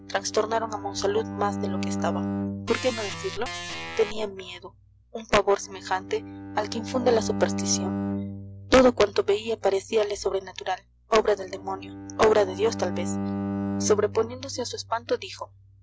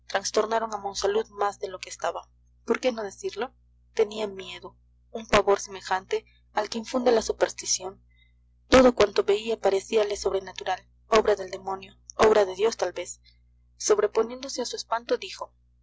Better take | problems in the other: second | background sound (Organ + Bowed string instrument); 7 dB below the speech

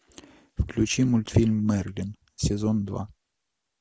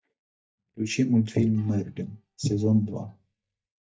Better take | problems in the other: first | noise reduction (neural mask model DeepFilterNet 3)

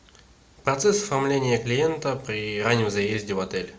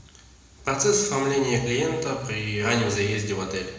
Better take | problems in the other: first | room echo; dies away in 0.8 s

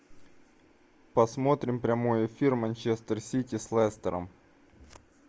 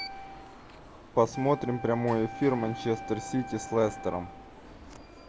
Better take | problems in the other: first | background sound (Alarm + Wind instrument, woodwind instrument); 12 dB below the speech

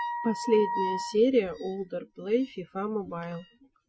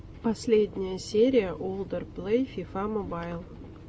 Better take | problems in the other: second | noise reduction (classical method Wiener filter)

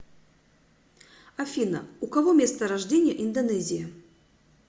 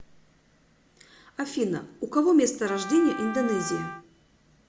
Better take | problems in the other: first | background sound (Wind instrument, woodwind instrument); 11 dB below the speech

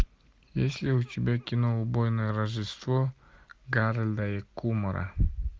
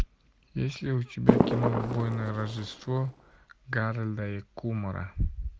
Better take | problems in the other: first | background sound (Fireworks); 3 dB above the speech

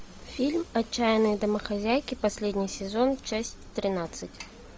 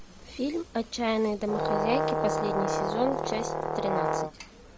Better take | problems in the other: first | background sound (Brass instrument); 2 dB above the speech

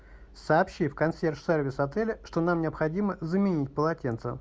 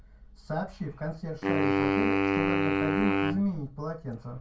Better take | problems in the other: first | background sound (Wind instrument, woodwind instrument); 5 dB above the speech // room echo; dies away in 0.2 s

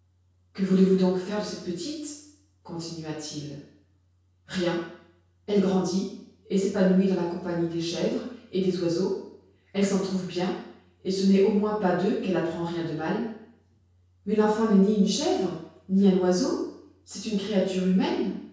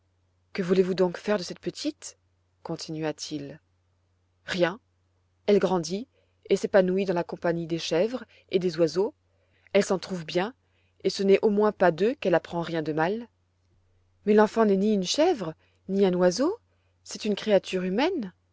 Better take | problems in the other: second | room echo; dies away in 0.6 s

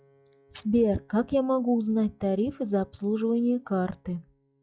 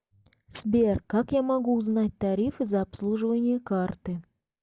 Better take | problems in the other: second | noise reduction (classical method log-MMSE)

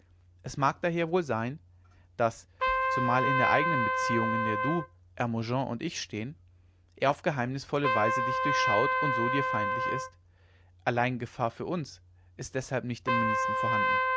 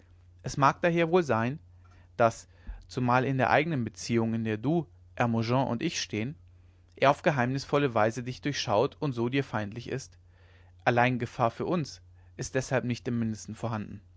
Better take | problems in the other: second | background sound (Trumpet); as loud as the speech

